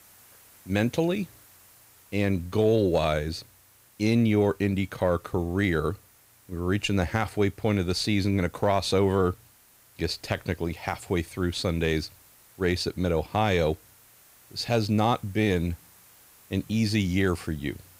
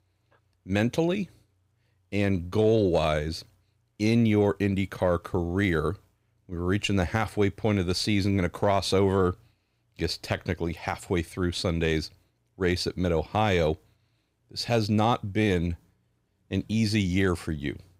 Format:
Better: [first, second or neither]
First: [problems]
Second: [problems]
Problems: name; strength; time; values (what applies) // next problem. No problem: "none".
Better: second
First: hiss; faint; throughout; 25 dB below the speech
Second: none